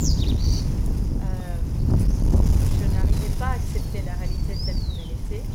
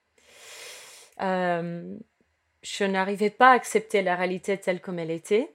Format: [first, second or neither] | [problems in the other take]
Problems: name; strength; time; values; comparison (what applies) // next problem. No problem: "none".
second | wind noise on the microphone; heavy; 4 dB above the speech